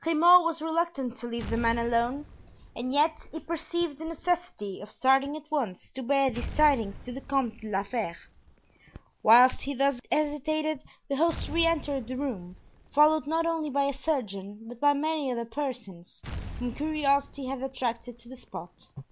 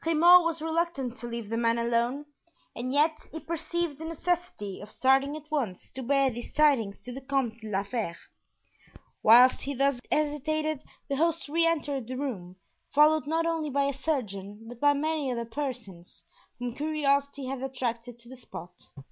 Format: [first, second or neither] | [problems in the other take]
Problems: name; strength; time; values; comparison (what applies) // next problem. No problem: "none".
second | background sound (Explosion); 17 dB below the speech